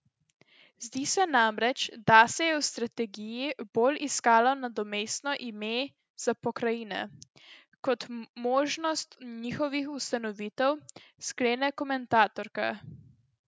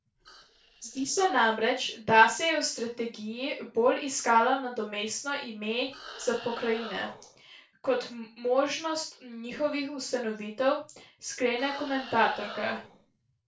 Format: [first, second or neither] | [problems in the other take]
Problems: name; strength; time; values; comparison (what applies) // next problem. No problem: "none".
first | noise reduction (neural separator model SepFormer DNS4)